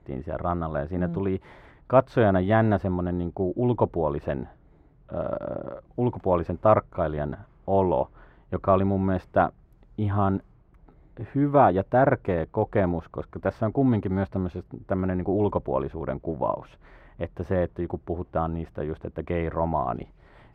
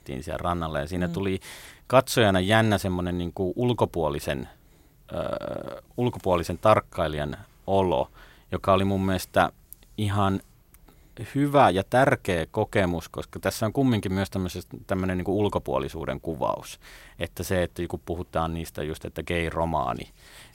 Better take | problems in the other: second | muffled; very; fading above 3.5 kHz

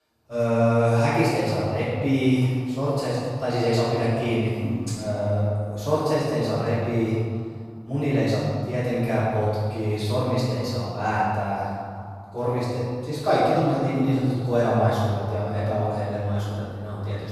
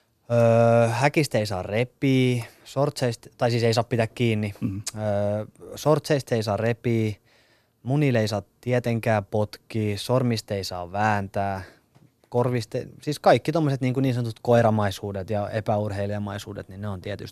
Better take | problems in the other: second | room echo; strong; dies away in 2.1 s // off-mic speech; far

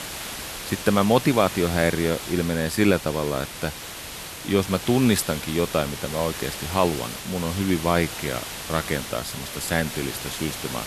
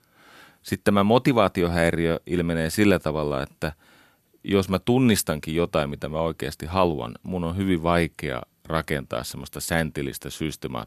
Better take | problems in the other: second | hiss; loud; throughout; 8 dB below the speech

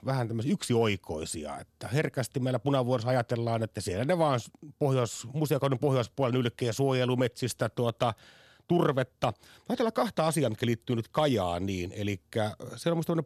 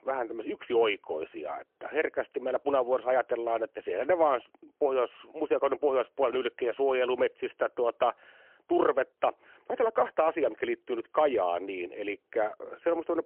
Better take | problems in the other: first | phone-call audio; poor line; nothing above 3 kHz

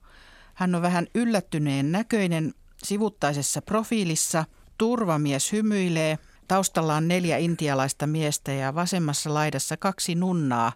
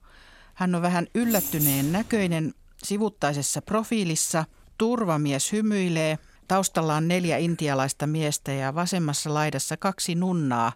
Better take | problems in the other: first | jangling keys; loud; from 1 to 2 s; peak 2 dB above the speech

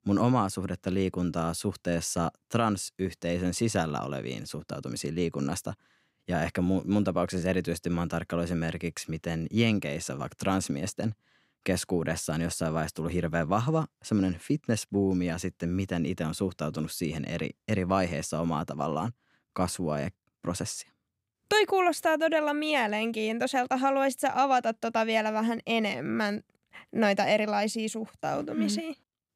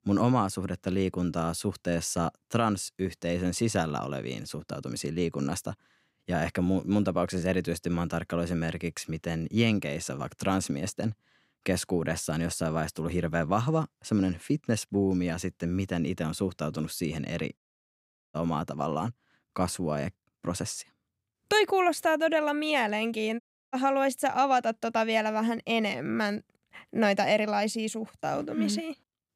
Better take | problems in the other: first | audio cutting out; at 18 s for 1 s and at 23 s

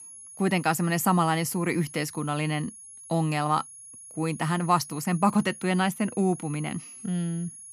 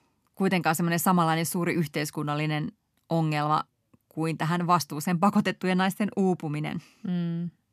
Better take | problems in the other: second | high-pitched whine; noticeable; throughout; 10.5 kHz, 15 dB below the speech

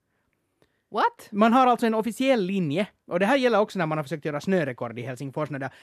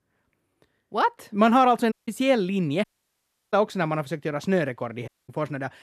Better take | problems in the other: first | audio cutting out; at 2 s, at 3 s for 0.5 s and at 5 s

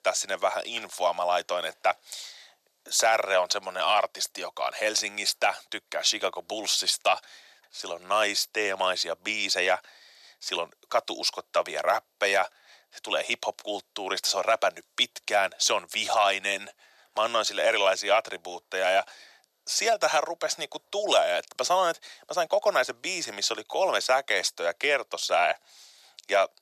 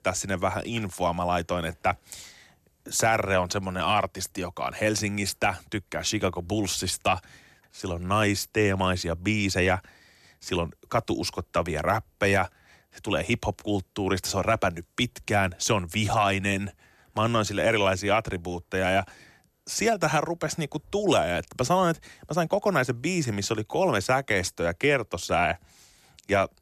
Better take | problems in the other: second | thin; very; fading below 650 Hz

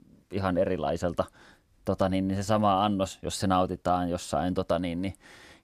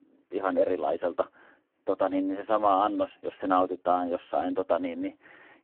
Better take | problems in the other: first | phone-call audio; poor line

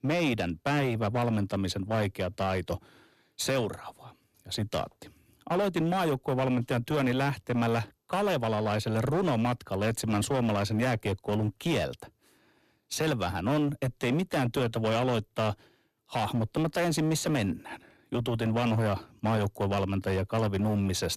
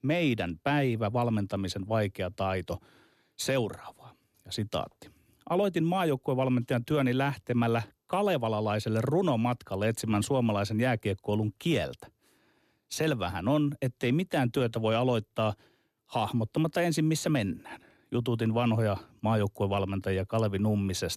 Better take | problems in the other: second | distortion; slight; 14% of the sound clipped

